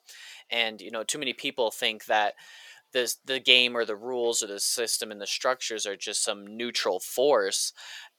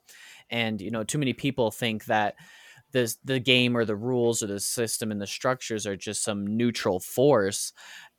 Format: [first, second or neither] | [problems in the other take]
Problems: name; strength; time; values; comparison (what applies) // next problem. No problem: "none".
second | thin; somewhat; fading below 500 Hz